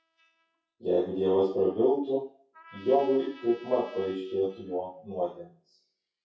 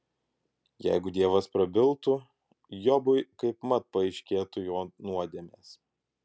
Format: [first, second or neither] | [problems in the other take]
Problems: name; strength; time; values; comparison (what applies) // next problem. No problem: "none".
second | noise reduction (classical method WPE with log-MMSE)